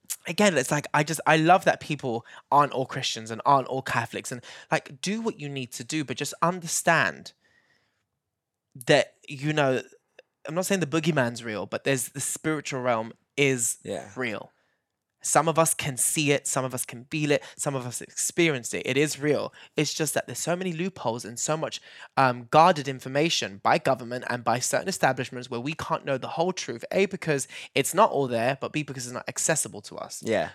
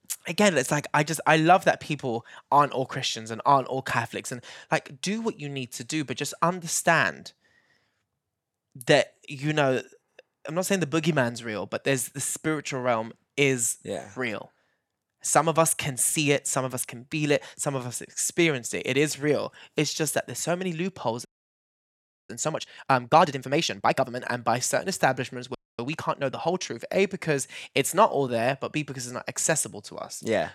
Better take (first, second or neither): first